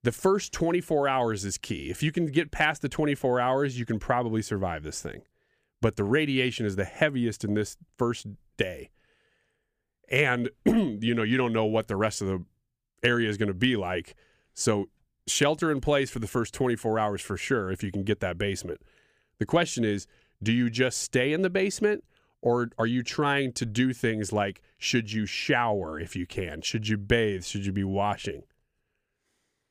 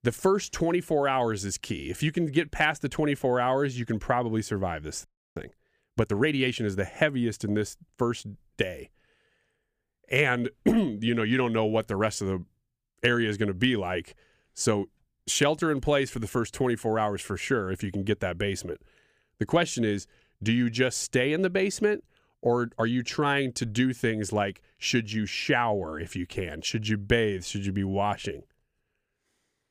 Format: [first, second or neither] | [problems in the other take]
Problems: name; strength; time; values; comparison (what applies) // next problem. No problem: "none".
first | audio freezing; at 5 s